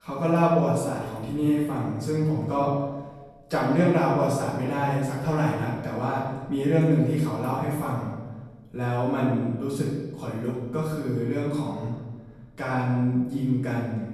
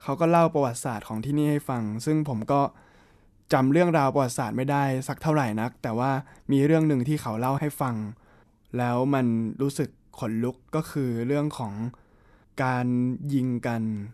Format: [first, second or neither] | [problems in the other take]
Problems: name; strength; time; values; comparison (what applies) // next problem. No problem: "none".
second | off-mic speech; far // room echo; noticeable; dies away in 1.1 s